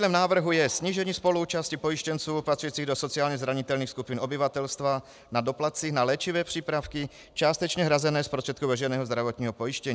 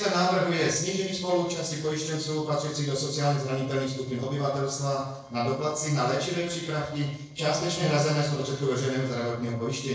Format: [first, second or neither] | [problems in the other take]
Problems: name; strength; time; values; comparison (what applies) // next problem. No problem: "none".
first | noise reduction (neural separator model SepFormer DNS4)